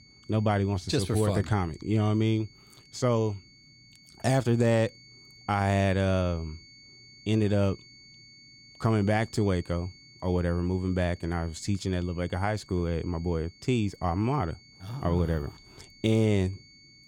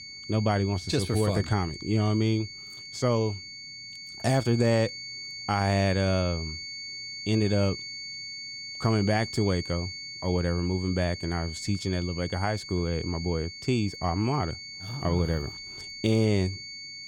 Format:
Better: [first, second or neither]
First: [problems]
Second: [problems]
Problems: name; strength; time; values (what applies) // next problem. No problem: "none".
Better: first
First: high-pitched whine; faint; throughout; 4.5 kHz, 25 dB below the speech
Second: high-pitched whine; loud; throughout; 4.5 kHz, 10 dB below the speech